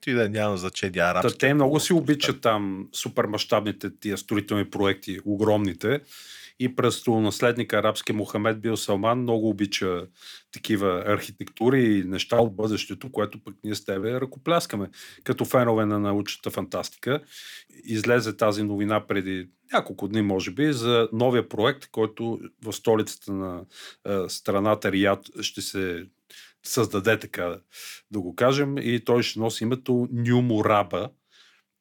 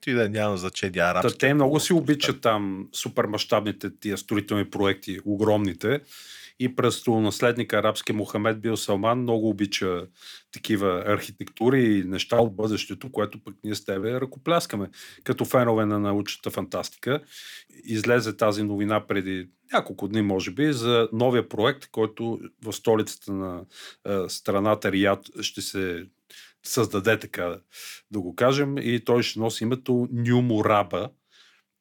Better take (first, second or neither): neither